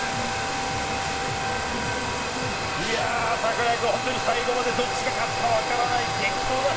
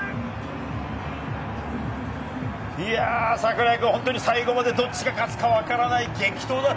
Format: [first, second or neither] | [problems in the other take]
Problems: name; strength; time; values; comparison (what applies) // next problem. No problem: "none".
second | background sound (Domestic sounds, home sounds); 1 dB above the speech